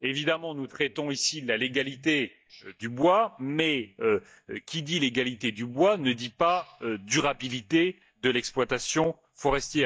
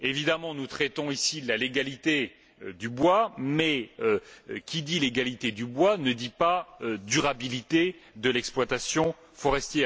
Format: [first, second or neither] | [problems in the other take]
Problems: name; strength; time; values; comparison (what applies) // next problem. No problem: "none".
second | noise reduction (neural mask model DeepFilterNet 3)